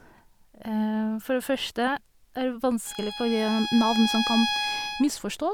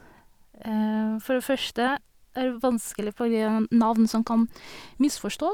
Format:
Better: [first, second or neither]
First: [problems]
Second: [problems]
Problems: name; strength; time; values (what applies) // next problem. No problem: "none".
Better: second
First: background sound (Bowed string instrument); 4 dB below the speech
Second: none